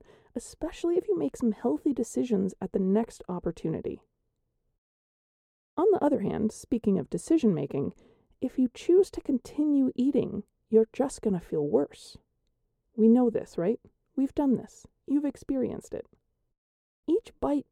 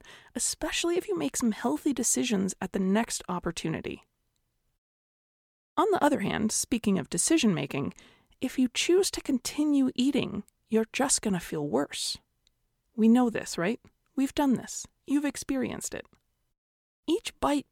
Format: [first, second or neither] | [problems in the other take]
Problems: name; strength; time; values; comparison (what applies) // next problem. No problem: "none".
second | muffled; slightly; fading above 1 kHz